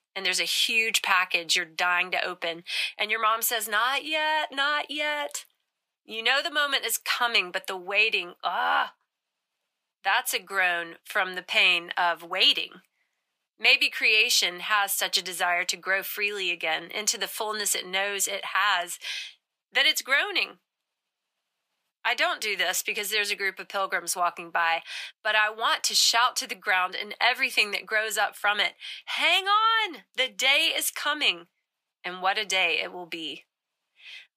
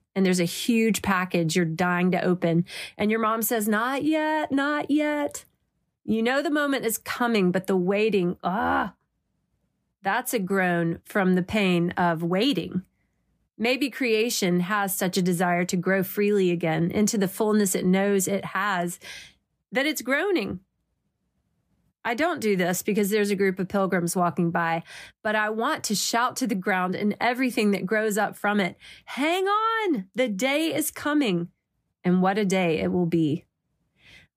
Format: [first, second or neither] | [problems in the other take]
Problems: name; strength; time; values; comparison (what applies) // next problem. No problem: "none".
second | thin; very; fading below 900 Hz